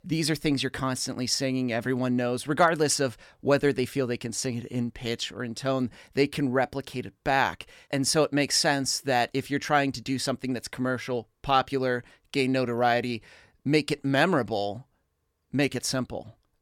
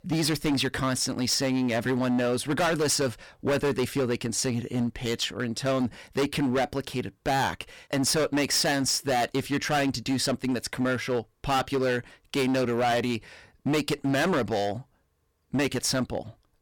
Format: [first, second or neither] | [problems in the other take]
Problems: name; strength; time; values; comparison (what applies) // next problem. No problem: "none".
first | distortion; heavy; 16% of the sound clipped